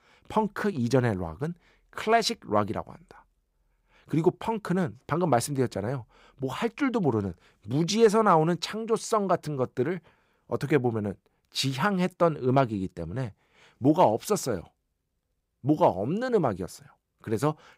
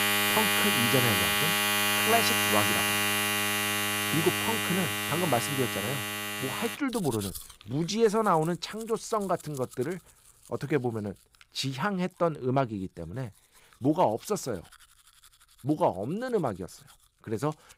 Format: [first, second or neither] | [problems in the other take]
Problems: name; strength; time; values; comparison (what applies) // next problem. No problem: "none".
first | household noises; very loud; throughout; 5 dB above the speech